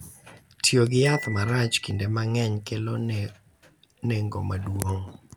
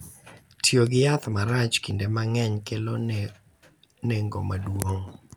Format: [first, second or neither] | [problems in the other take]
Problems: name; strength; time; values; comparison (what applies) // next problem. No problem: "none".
second | background sound (Glockenspiel); 16 dB below the speech